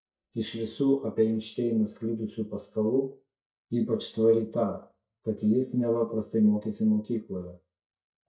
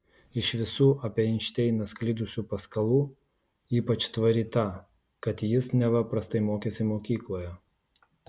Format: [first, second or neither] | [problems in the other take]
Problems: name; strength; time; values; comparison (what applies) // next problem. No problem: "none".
second | noise reduction (neural mask model DeepFilterNet 3)